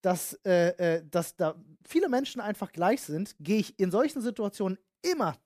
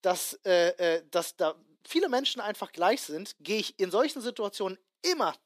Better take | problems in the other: first | thin; somewhat; fading below 300 Hz

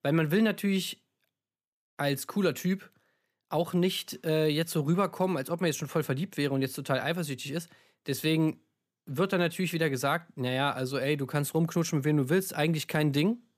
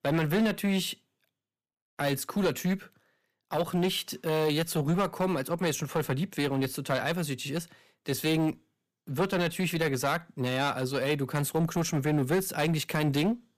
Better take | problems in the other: first | distortion; slight; 7% of the sound clipped

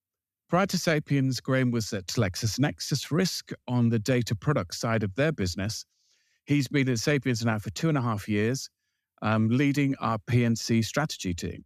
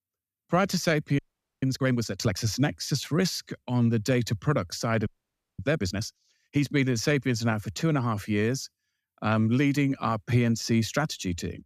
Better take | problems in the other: first | audio freezing; at 1 s and at 5 s for 0.5 s

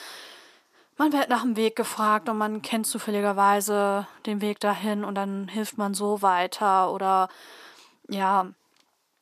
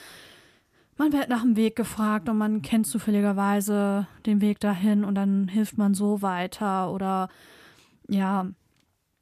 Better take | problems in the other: second | thin; somewhat; fading below 400 Hz

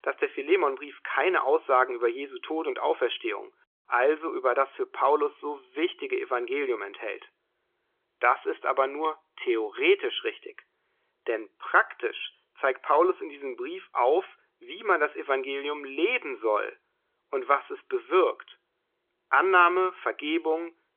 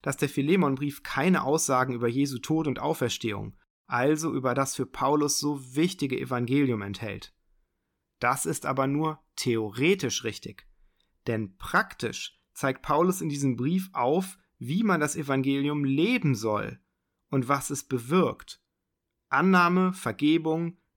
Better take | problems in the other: second | phone-call audio; nothing above 3.5 kHz

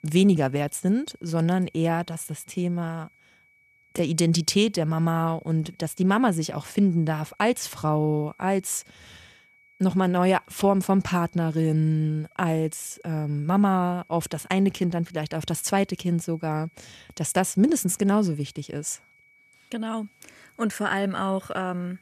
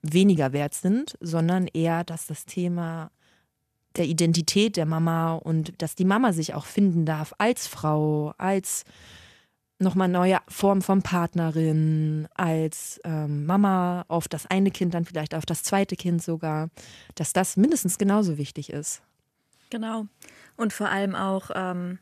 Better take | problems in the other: second | high-pitched whine; faint; throughout; 2.5 kHz, 35 dB below the speech

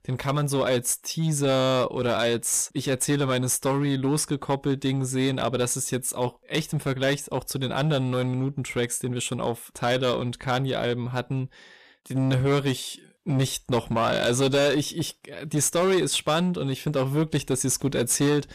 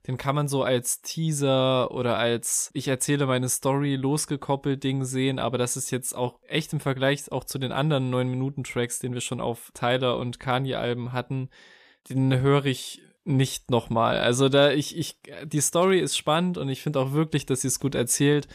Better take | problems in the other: second | distortion; slight; 8% of the sound clipped

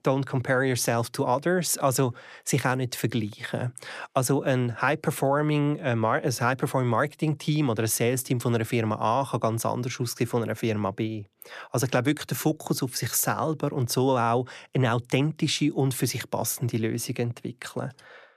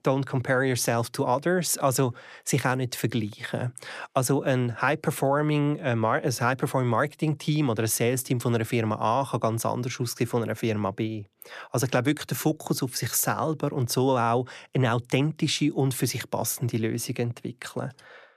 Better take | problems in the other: neither | none

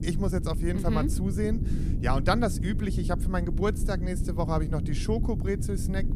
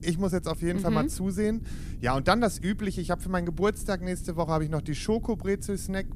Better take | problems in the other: second | low rumble; loud; throughout; 10 dB below the speech; faint in the second

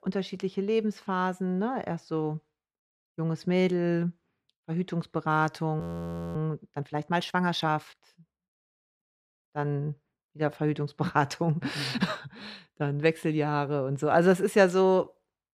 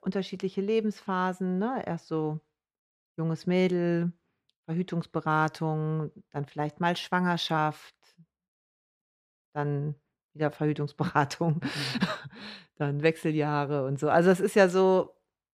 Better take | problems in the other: second | audio freezing; at 6 s for 0.5 s

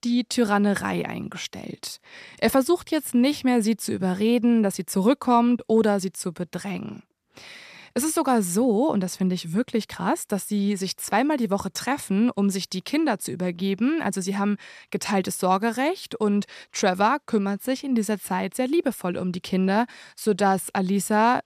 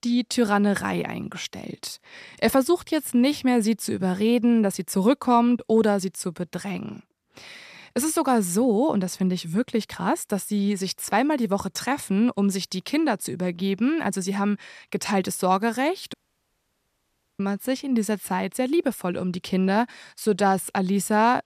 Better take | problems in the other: first | audio cutting out; at 16 s for 1.5 s

